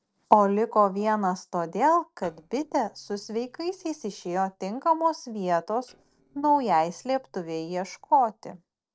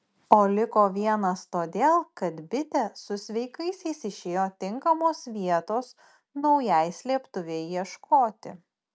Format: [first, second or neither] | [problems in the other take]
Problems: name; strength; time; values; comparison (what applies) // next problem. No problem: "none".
second | noise reduction (neural separator model SepFormer DNS4)